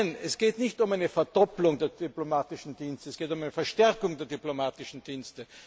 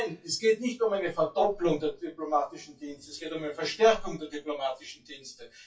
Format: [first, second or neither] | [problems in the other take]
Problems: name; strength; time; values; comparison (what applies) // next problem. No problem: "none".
first | noise reduction (classical method WPE with log-MMSE)